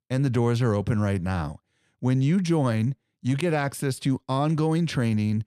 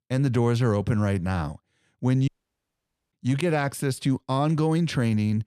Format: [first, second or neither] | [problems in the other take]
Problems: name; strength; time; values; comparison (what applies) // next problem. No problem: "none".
first | audio cutting out; at 2.5 s for 1 s